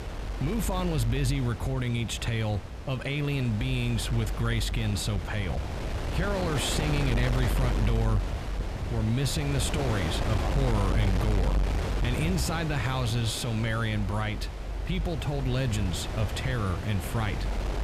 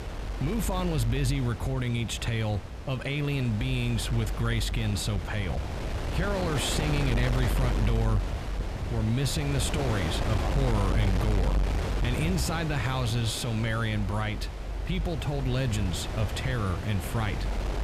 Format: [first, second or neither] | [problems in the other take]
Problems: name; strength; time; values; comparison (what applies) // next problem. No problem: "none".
neither | wind noise on the microphone; heavy; 4 dB below the speech; the same in both